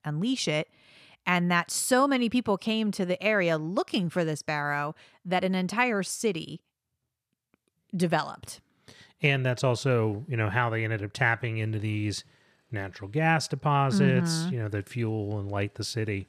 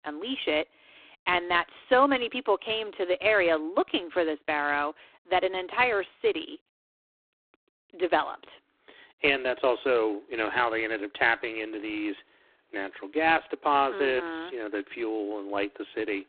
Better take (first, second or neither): first